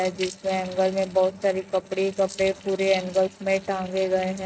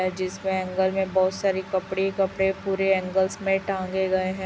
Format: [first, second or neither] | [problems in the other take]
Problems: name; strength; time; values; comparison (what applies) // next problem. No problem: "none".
second | noise reduction (neural mask model RNNoise)